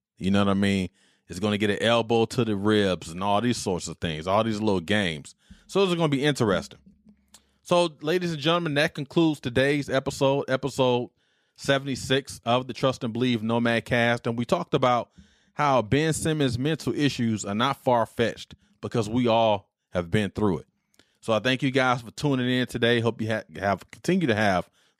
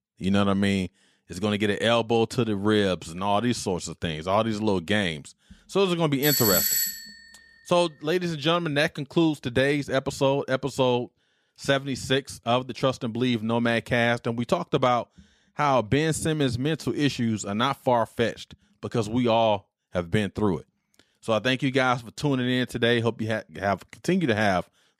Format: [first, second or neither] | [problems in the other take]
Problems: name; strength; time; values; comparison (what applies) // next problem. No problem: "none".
first | doorbell; loud; at 6 s; peak 4 dB above the speech